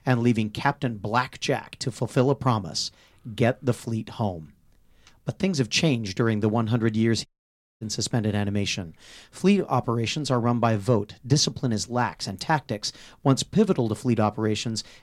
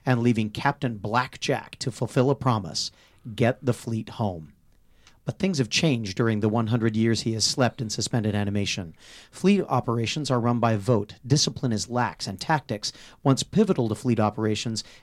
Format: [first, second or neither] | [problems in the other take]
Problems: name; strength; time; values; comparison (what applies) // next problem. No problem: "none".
second | audio cutting out; at 7.5 s for 0.5 s